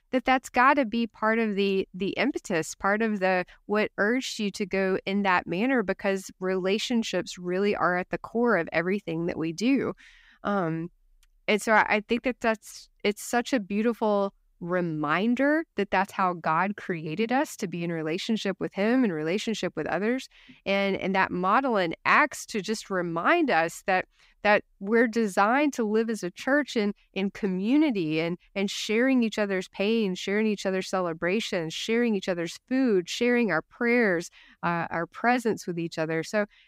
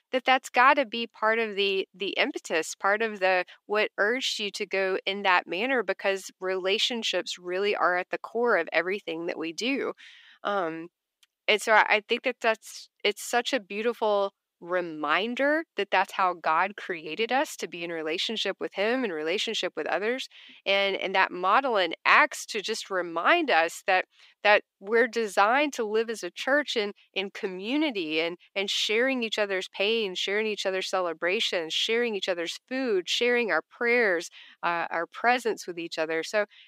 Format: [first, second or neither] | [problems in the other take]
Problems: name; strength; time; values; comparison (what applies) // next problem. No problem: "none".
first | thin; somewhat; fading below 450 Hz